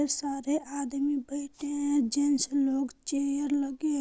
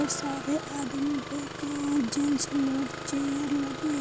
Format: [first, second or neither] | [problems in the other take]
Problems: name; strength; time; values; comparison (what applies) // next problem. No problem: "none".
first | background sound (Engine starting); 8 dB below the speech